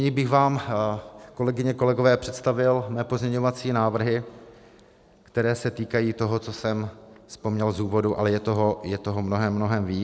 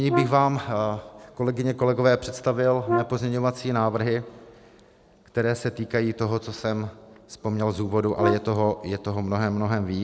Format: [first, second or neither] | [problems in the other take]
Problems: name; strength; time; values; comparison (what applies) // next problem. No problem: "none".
first | background sound (Brass instrument); 5 dB below the speech